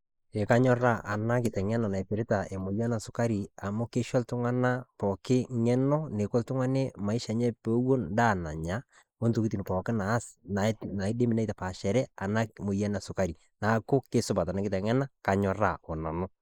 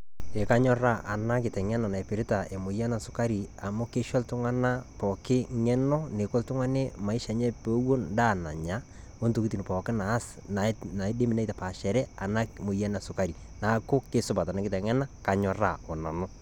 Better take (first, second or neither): second